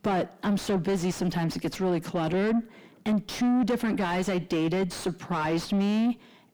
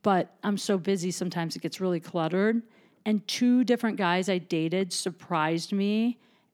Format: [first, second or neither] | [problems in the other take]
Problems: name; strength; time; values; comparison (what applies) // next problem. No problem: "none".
second | distortion; heavy; 5 dB below the speech